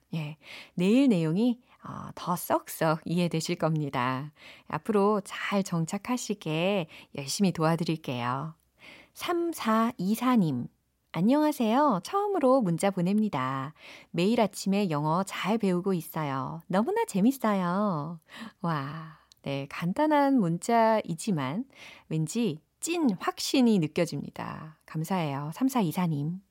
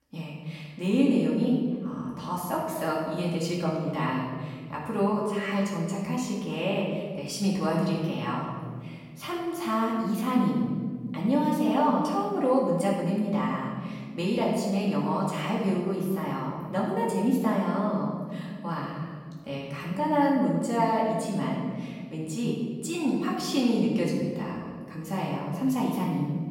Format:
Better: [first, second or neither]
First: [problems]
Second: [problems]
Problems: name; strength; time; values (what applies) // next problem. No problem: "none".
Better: first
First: none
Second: off-mic speech; far // room echo; noticeable; dies away in 1.7 s